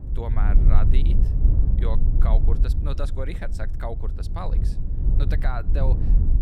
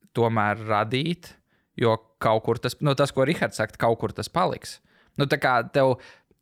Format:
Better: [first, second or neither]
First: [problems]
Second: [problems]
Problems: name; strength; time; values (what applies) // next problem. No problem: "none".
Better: second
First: low rumble; loud; throughout; 5 dB below the speech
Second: none